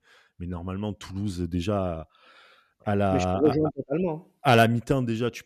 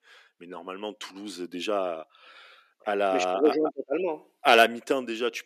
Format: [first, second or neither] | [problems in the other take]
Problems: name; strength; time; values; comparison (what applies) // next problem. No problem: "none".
first | thin; somewhat; fading below 300 Hz